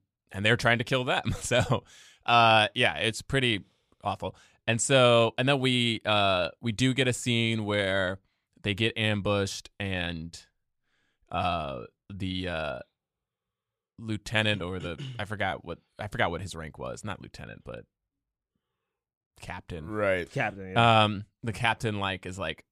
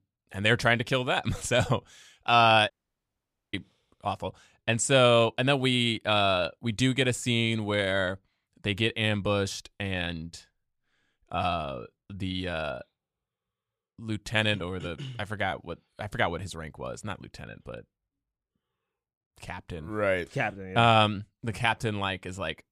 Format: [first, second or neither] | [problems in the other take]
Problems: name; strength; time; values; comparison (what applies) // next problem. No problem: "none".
first | audio cutting out; at 2.5 s for 1 s